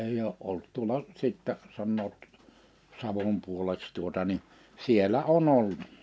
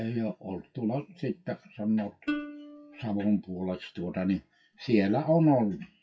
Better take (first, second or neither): first